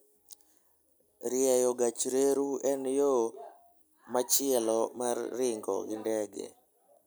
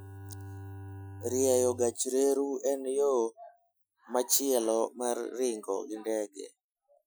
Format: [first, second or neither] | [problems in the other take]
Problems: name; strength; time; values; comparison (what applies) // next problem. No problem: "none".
first | noise reduction (classical method Wiener filter)